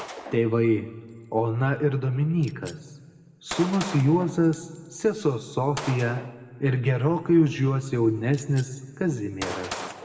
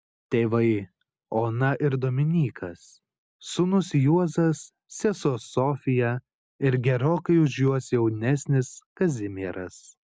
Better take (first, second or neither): second